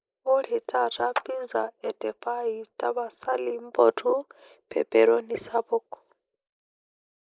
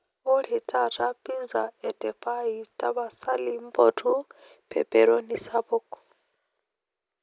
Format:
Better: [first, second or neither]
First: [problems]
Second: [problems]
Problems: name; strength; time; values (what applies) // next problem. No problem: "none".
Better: second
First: noise reduction (neural mask model Resemble Enhance denoiser)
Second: none